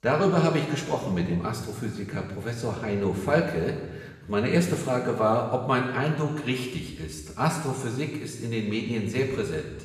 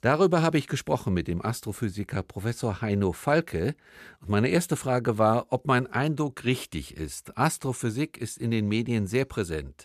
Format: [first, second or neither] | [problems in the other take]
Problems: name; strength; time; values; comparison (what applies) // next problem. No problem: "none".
second | room echo; noticeable; dies away in 1.2 s // off-mic speech; far